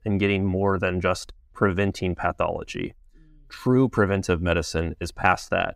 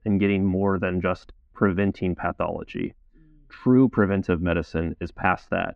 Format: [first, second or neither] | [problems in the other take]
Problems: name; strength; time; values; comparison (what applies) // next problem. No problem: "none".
first | muffled; slightly; fading above 2.5 kHz